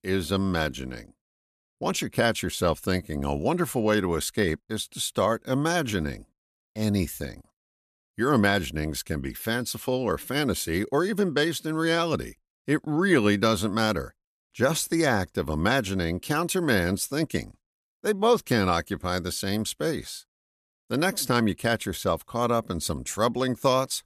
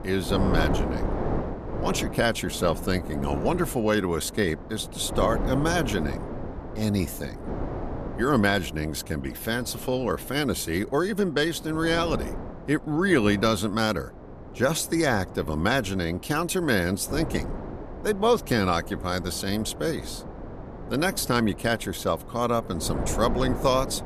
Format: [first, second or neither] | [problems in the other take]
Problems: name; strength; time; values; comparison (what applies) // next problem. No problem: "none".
first | wind noise on the microphone; occasional gusts; 10 dB below the speech